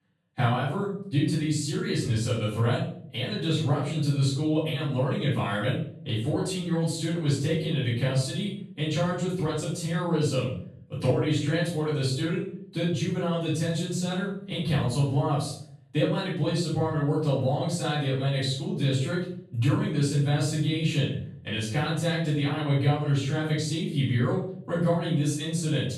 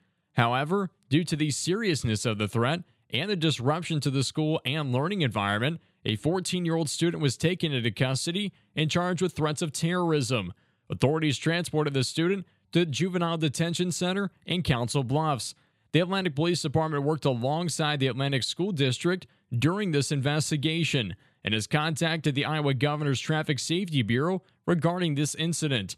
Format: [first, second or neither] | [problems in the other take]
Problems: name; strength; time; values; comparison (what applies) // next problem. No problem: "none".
second | room echo; noticeable; dies away in 0.5 s // off-mic speech; far